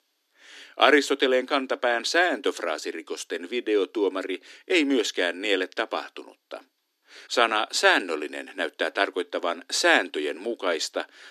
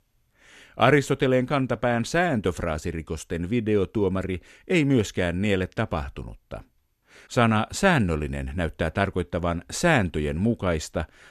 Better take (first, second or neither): second